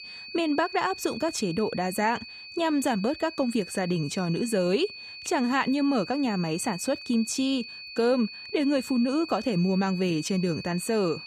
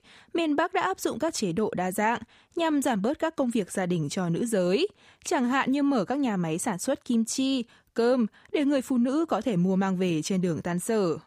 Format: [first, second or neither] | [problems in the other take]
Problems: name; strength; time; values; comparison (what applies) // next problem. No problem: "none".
second | high-pitched whine; noticeable; throughout; 2.5 kHz, 10 dB below the speech